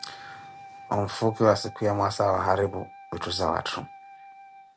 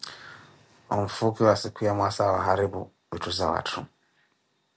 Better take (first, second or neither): second